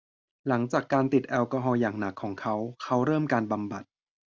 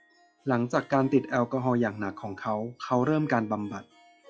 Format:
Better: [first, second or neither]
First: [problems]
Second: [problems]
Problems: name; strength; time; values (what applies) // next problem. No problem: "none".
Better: first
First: none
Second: noise reduction (classical method log-MMSE)